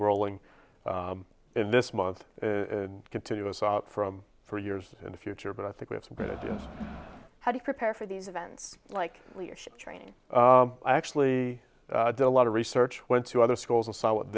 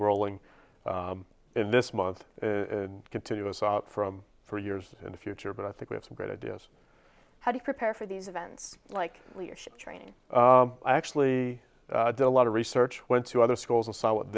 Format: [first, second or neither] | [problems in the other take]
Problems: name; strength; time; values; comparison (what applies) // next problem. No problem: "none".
second | background sound (Crowd); 10 dB below the speech